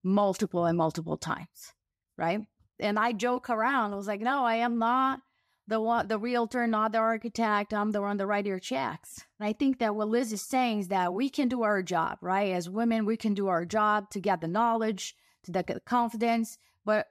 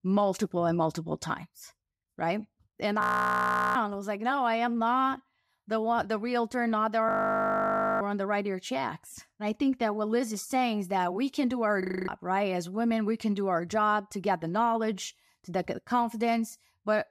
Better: first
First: none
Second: audio freezing; at 3 s for 0.5 s, at 7 s for 1 s and at 12 s

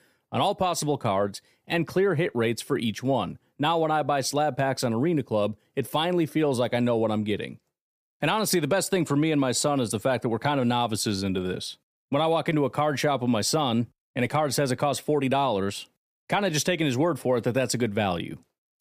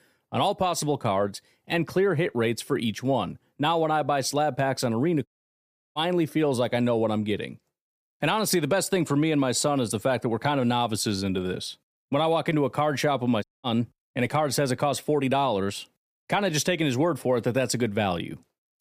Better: first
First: none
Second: audio cutting out; at 5.5 s for 0.5 s and at 13 s

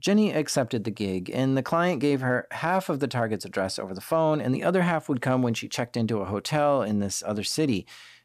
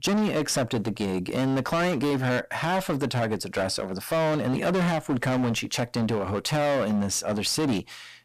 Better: first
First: none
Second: distortion; heavy; 22% of the sound clipped

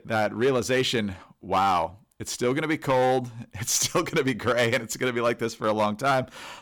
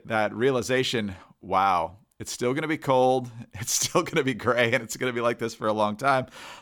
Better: second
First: distortion; slight; 5% of the sound clipped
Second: none

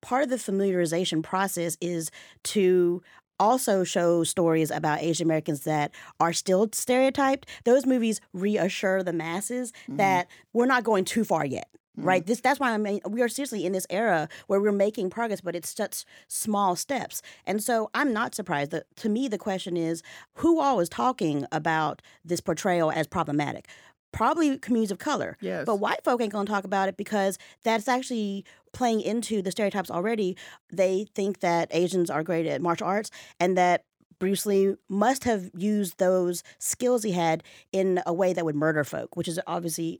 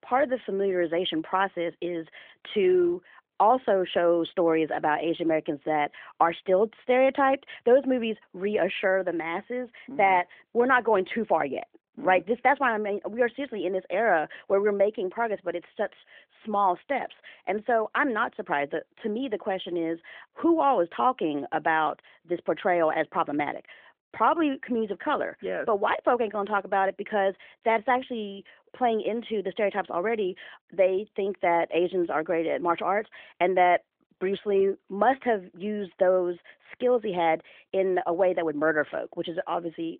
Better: first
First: none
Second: phone-call audio; nothing above 3.5 kHz

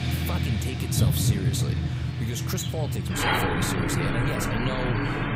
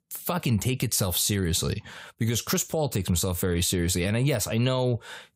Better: second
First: traffic noise; very loud; throughout; 5 dB above the speech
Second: none

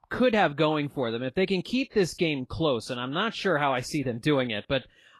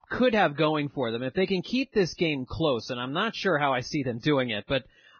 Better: first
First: garbled, watery; slightly; nothing above 11.5 kHz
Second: garbled, watery; badly; nothing above 6.5 kHz

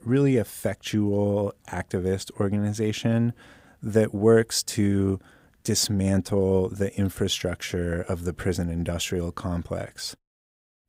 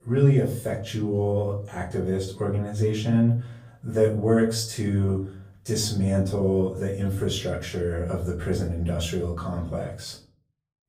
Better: first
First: none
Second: off-mic speech; far // room echo; slight; dies away in 0.4 s

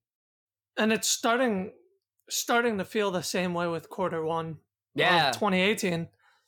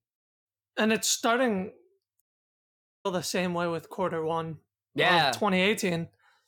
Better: first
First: none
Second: audio cutting out; at 2 s for 1 s

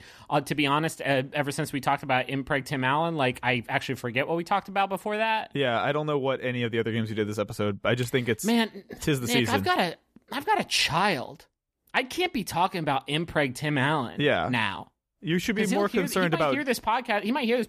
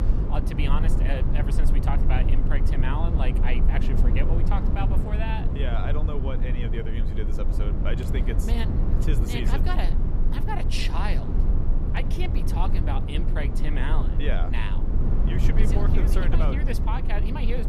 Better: first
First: none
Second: low rumble; loud; throughout; 4 dB below the speech

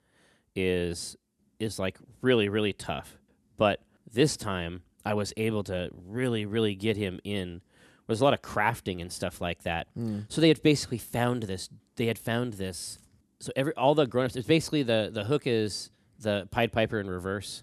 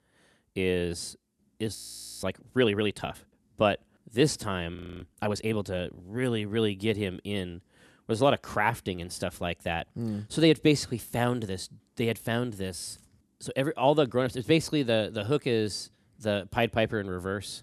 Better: first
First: none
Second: audio freezing; at 2 s and at 5 s

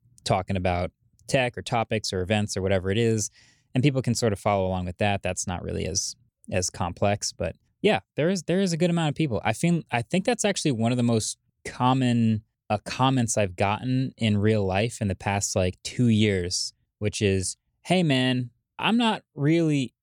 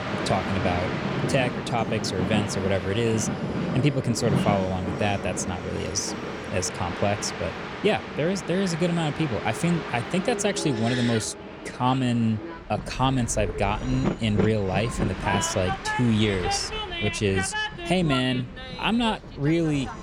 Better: first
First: none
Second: train or aircraft noise; loud; throughout; 5 dB below the speech

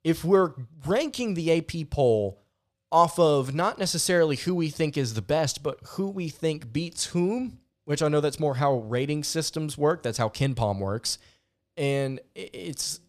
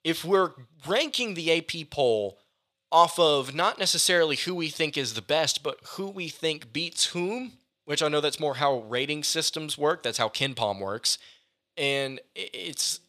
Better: first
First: none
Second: thin; somewhat; fading below 550 Hz

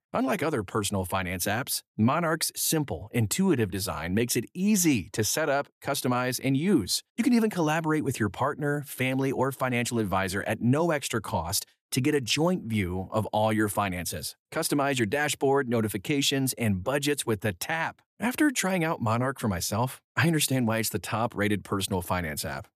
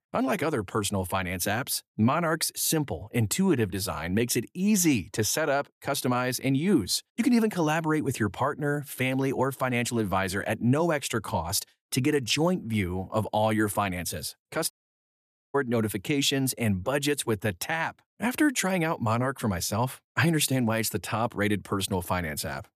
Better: first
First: none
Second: audio cutting out; at 15 s for 1 s

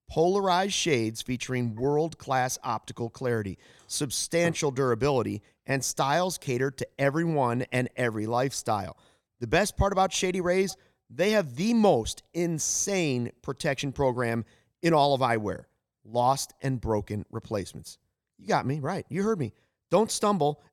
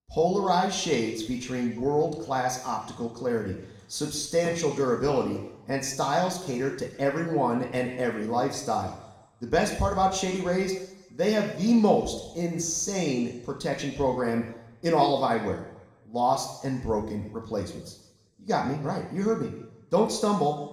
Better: first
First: none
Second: room echo; slight; dies away in 0.9 s // off-mic speech; somewhat distant

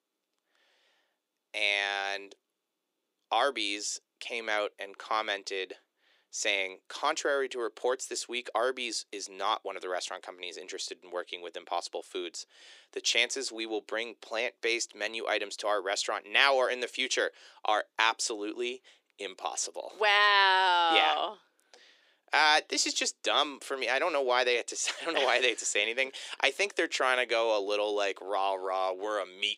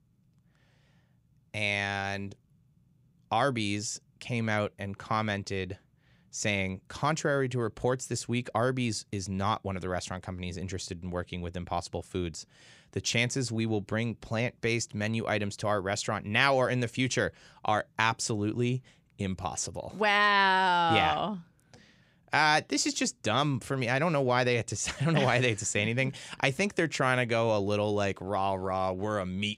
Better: second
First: thin; very; fading below 350 Hz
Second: none

